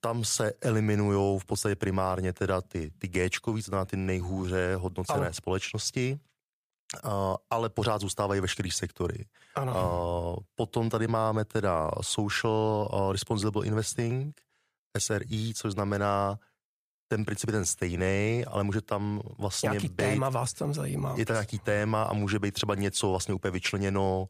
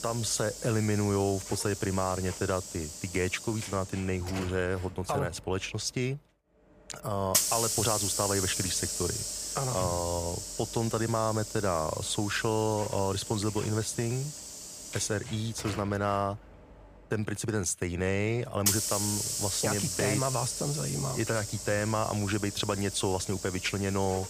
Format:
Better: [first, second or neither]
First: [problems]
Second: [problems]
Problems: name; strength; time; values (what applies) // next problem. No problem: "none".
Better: first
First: none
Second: hiss; loud; throughout; 3 dB below the speech